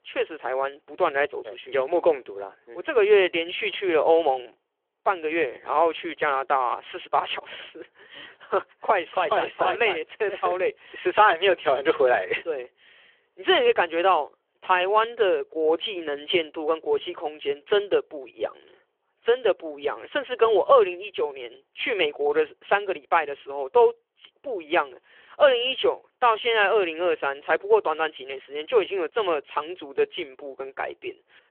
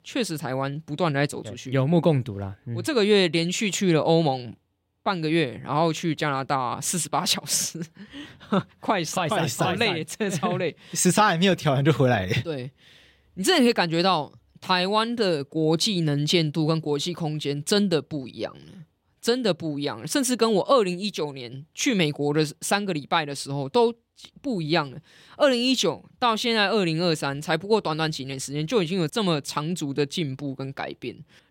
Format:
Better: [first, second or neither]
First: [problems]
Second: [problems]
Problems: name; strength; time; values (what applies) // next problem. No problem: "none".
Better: second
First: phone-call audio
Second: none